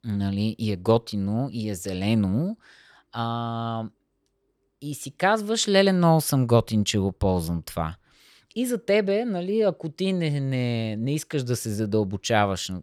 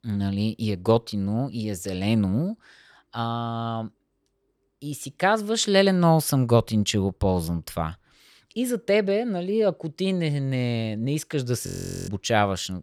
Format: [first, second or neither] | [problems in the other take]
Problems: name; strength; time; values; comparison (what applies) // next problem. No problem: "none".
first | audio freezing; at 12 s